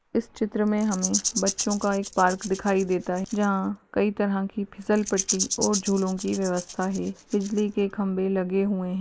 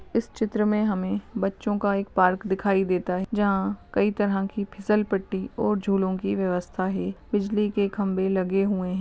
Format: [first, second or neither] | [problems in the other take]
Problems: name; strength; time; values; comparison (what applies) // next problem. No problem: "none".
second | noise reduction (neural mask model Resemble Enhance denoiser)